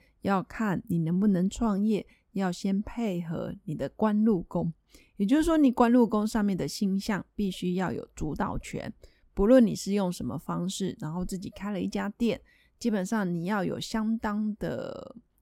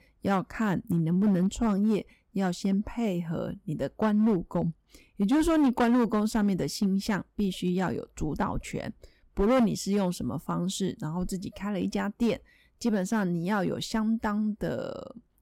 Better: first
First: none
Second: distortion; slight; 4% of the sound clipped

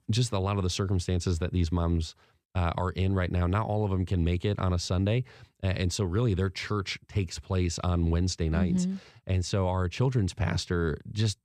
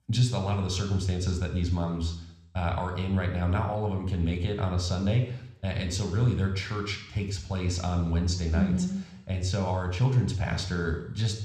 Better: first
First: none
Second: room echo; slight; dies away in 0.7 s

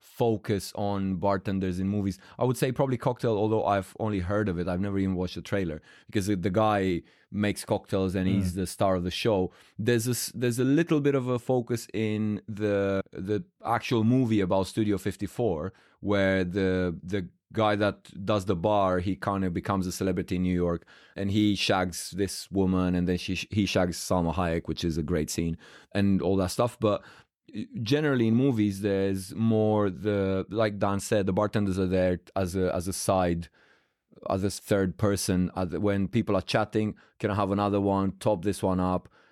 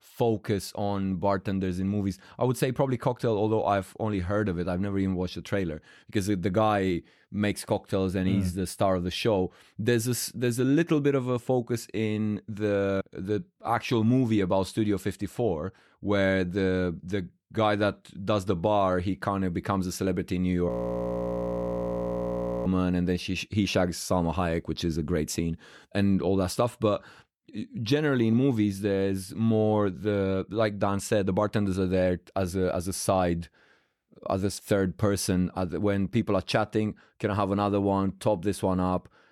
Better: first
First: none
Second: audio freezing; at 21 s for 2 s

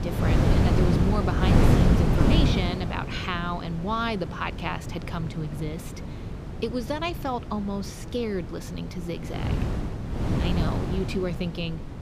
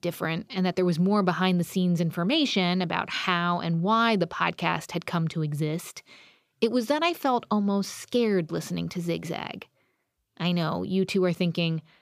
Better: second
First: wind noise on the microphone; heavy; 1 dB below the speech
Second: none

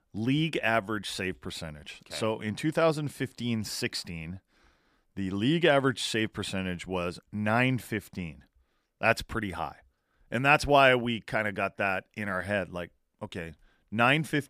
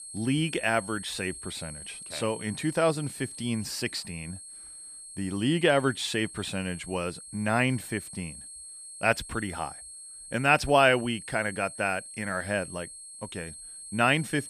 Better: first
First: none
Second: high-pitched whine; noticeable; throughout; 8.5 kHz, 15 dB below the speech

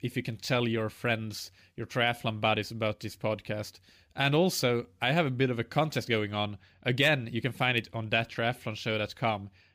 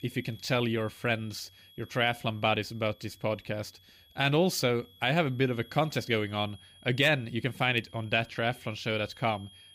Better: first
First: none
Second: high-pitched whine; faint; throughout; 3.5 kHz, 25 dB below the speech

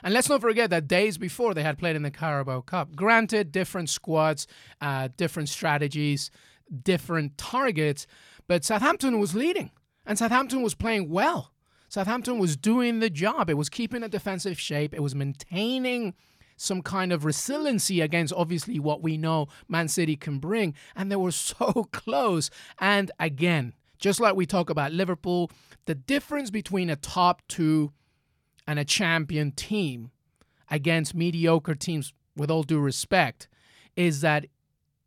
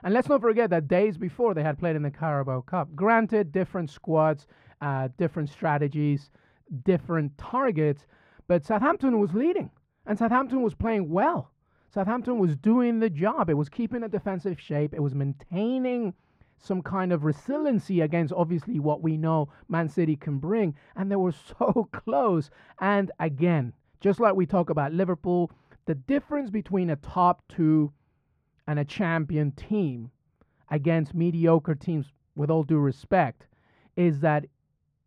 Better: first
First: none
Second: muffled; very; fading above 3 kHz

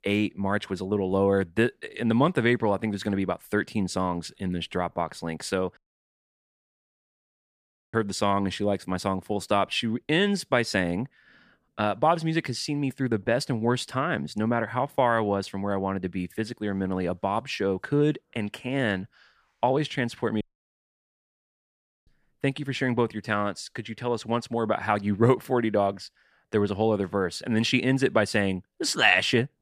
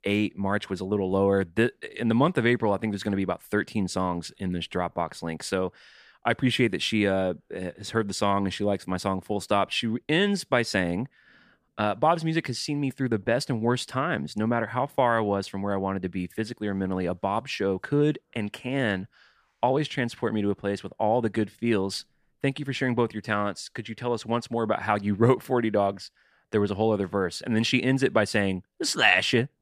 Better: second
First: audio cutting out; at 6 s for 2 s and at 20 s for 1.5 s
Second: none

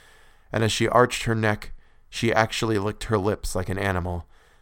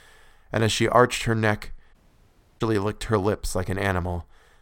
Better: first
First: none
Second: audio cutting out; at 2 s for 0.5 s

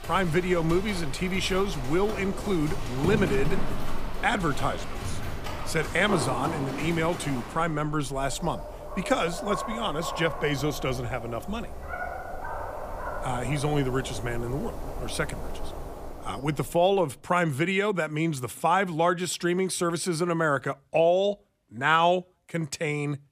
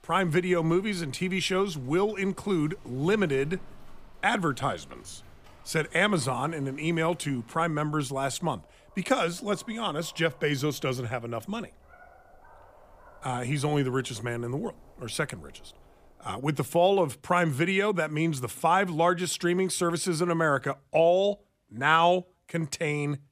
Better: second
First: animal sounds; loud; until 16 s; 9 dB below the speech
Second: animal sounds; faint; until 16 s; 25 dB below the speech

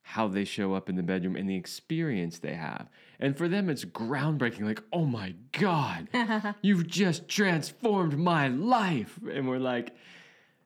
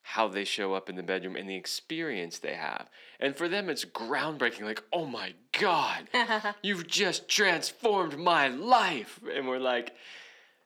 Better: first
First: none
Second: thin; somewhat; fading below 500 Hz

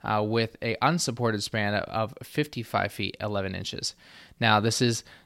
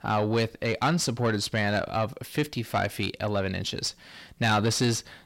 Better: first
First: none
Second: distortion; slight; 10 dB below the speech

